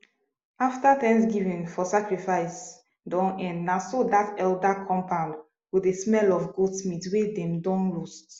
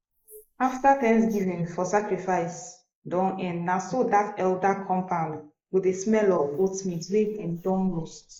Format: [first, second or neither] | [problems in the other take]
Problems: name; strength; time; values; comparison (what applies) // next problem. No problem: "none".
first | noise reduction (neural mask model Resemble Enhance denoiser)